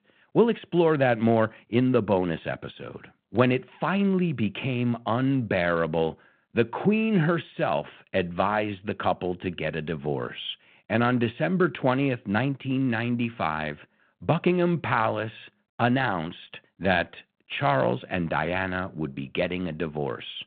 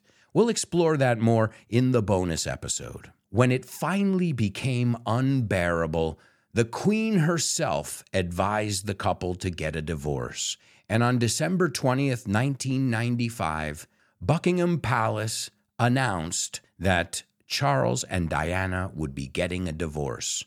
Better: second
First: phone-call audio; nothing above 3.5 kHz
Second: none

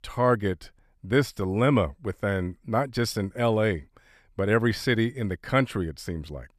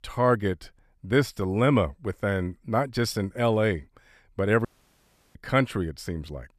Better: first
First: none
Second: audio cutting out; at 4.5 s for 0.5 s

